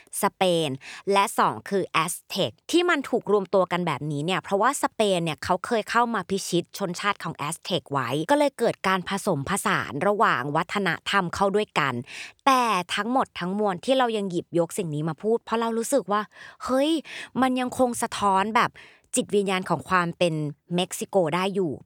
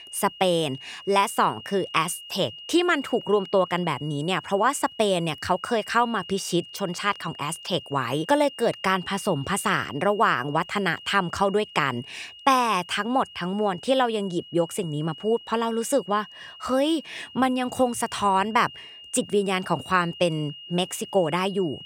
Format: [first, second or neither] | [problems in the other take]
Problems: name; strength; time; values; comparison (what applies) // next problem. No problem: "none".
first | high-pitched whine; noticeable; throughout; 3 kHz, 15 dB below the speech